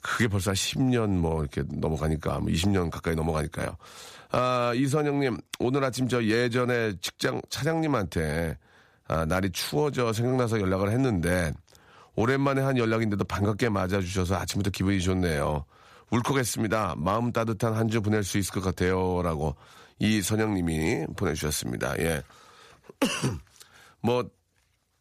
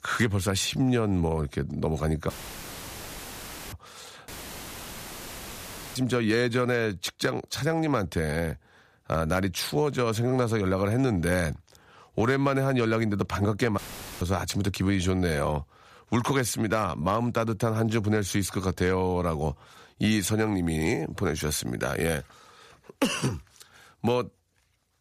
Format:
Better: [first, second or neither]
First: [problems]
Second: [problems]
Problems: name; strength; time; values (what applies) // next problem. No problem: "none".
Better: first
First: none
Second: audio cutting out; filled with static; at 2.5 s for 1.5 s, at 4.5 s for 1.5 s and at 14 s